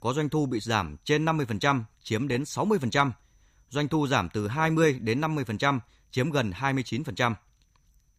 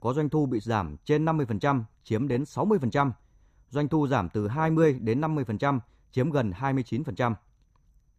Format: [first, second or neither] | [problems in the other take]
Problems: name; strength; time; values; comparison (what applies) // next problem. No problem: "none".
first | muffled; slightly; fading above 1.5 kHz